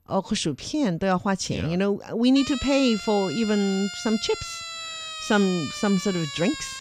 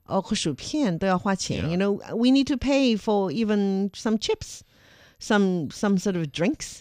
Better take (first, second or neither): second